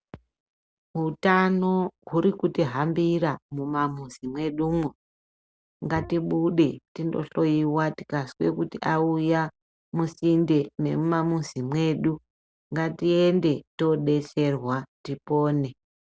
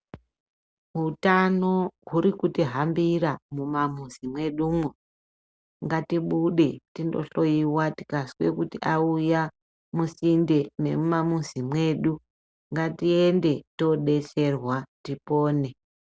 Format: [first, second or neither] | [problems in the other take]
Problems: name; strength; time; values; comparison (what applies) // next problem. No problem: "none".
second | background sound (Bowed string instrument); 16 dB below the speech